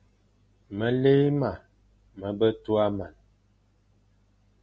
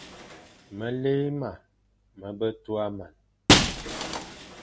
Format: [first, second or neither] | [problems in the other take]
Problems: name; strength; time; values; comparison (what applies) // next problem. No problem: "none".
first | background sound (Shatter); 3 dB above the speech